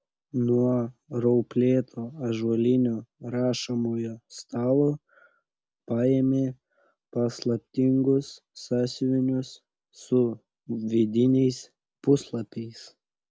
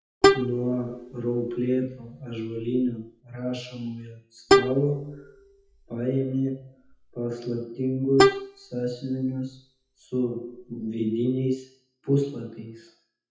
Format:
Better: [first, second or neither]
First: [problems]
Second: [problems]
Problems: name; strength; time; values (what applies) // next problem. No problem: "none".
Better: first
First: none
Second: noise reduction (classical method WPE with log-MMSE)